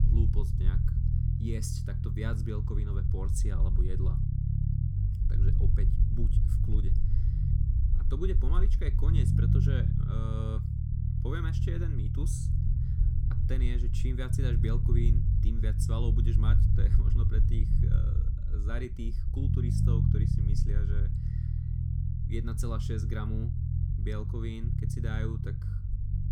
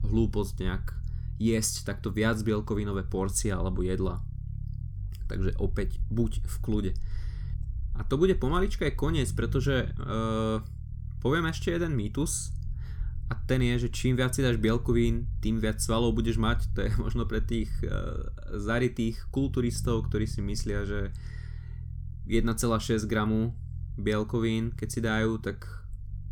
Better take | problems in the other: second | low rumble; loud; throughout; as loud as the speech; faint in the second

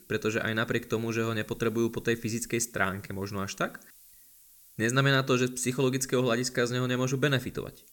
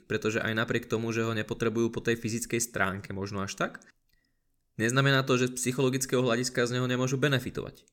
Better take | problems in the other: second | hiss; faint; throughout; 25 dB below the speech

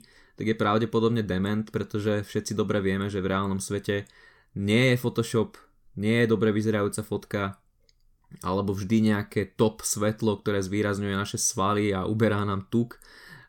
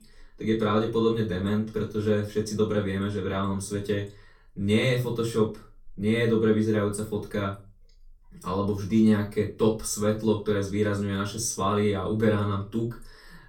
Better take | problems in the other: first | off-mic speech; far // room echo; slight; dies away in 0.2 s

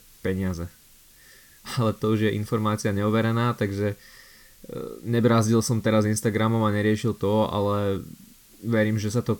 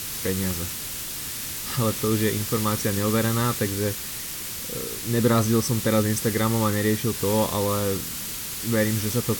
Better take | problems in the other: first | hiss; loud; throughout; 4 dB below the speech; faint in the first

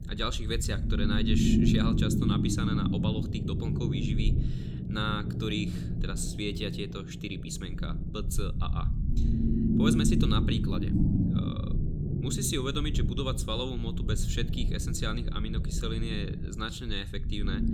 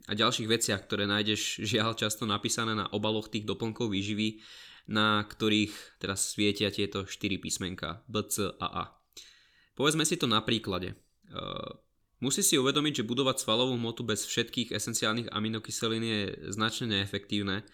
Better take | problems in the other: second | low rumble; loud; throughout; 3 dB below the speech

